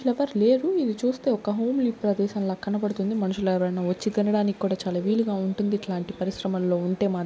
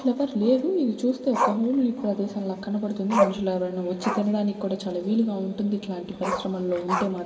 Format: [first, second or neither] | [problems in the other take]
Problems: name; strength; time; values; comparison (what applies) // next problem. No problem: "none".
first | background sound (Growling); 7 dB below the speech // room echo; dies away in 2.3 s